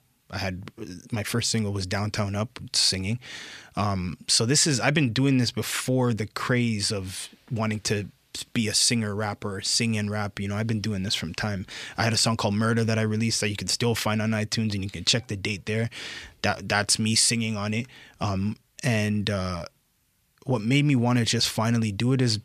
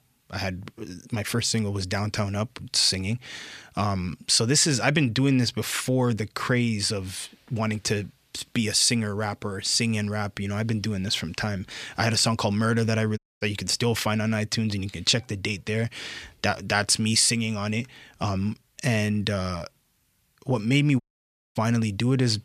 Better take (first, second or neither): first